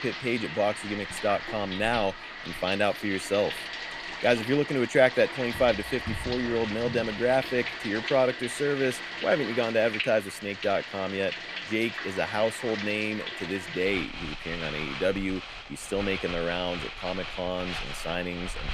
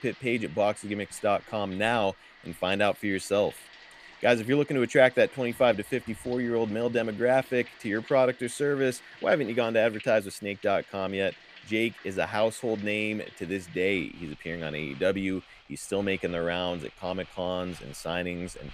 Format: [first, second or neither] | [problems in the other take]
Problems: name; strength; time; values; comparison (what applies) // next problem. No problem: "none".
second | household noises; loud; throughout; 7 dB below the speech; faint in the second